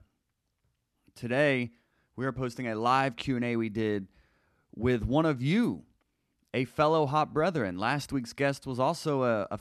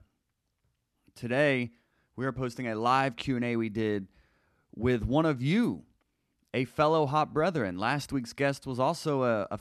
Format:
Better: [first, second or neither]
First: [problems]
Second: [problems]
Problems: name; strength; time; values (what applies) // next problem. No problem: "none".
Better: neither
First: none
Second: none